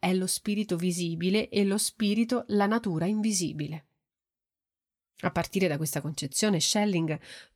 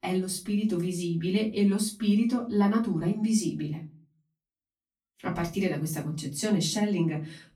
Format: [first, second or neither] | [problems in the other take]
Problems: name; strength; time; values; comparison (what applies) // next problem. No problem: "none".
first | off-mic speech; far // room echo; very slight; dies away in 0.3 s